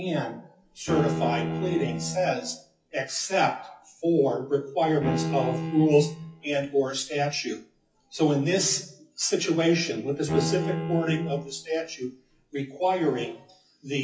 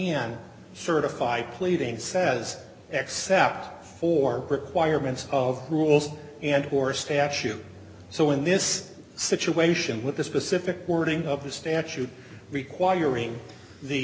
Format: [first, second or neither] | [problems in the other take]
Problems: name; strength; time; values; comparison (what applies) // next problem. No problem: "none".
second | noise reduction (classical method WPE with log-MMSE)